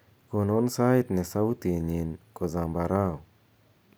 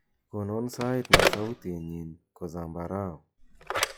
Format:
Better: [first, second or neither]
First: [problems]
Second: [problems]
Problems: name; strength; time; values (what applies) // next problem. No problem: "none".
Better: first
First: none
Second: noise reduction (classical method log-MMSE)